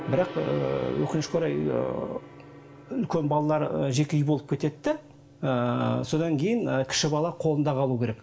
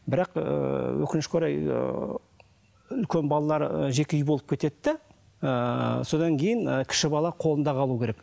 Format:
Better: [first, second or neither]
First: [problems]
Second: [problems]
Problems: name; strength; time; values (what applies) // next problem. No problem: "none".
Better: second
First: background sound (Gong); 18 dB below the speech // room echo; dies away in 0.3 s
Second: none